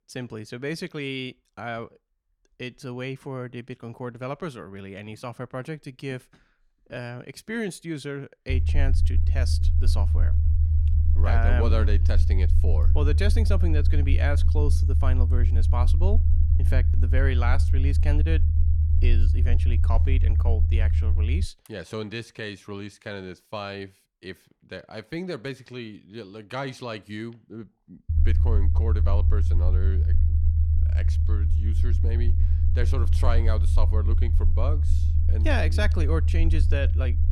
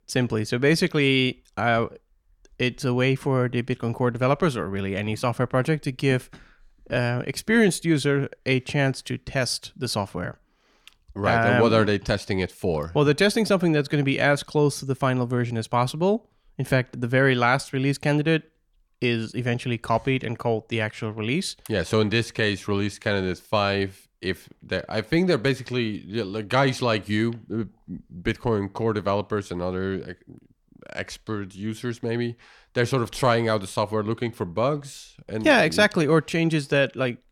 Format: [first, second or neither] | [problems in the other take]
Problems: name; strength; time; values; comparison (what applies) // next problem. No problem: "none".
second | low rumble; loud; from 8.5 to 21 s and from 28 s on; 6 dB below the speech